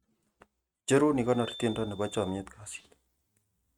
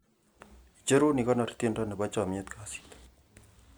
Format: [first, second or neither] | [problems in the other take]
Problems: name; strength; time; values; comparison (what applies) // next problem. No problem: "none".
second | noise reduction (neural mask model RNNoise)